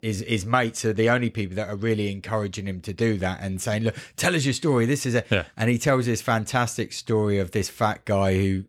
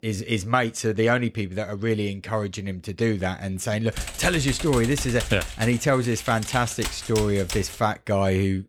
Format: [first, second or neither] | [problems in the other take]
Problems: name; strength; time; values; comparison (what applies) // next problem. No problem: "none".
first | keyboard typing; noticeable; from 4 to 8 s; peak 7 dB below the speech